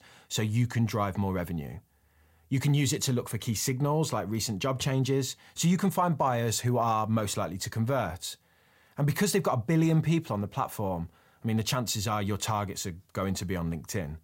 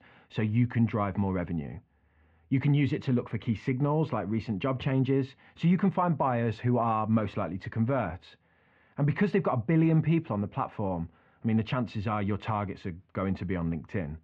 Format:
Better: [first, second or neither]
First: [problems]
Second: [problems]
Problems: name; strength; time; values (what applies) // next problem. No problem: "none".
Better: first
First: none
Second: muffled; very; fading above 2.5 kHz